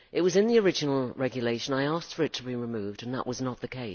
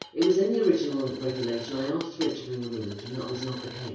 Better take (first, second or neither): first